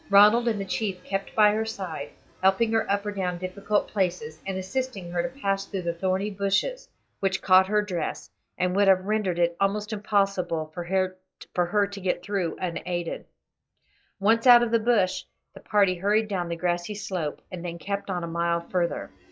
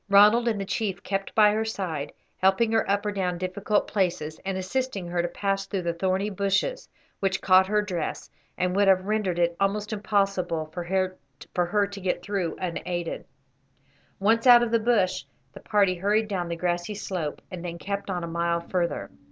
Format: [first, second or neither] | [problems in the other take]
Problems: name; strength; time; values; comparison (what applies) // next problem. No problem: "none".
second | noise reduction (classical method log-MMSE)